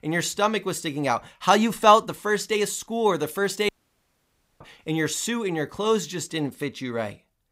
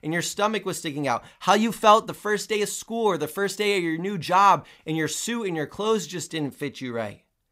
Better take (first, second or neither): second